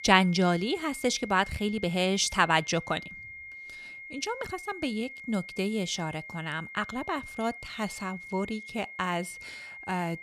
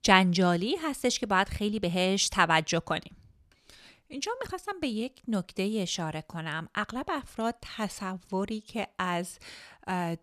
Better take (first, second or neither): second